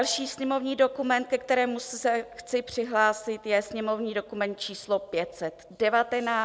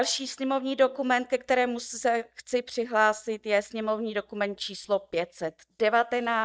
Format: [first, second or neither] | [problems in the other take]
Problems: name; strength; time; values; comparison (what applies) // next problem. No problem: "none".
first | noise reduction (neural mask model DeepFilterNet 3)